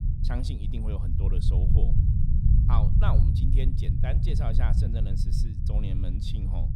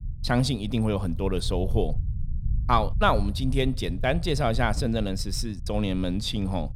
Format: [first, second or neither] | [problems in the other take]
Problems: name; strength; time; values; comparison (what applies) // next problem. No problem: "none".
second | low rumble; loud; throughout; 1 dB below the speech; faint in the second